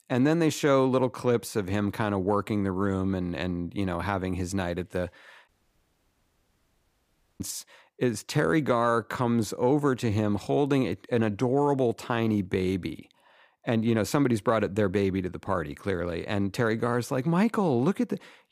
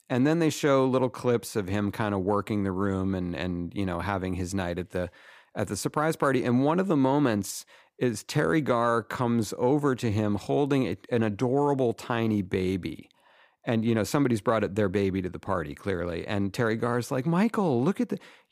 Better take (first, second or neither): second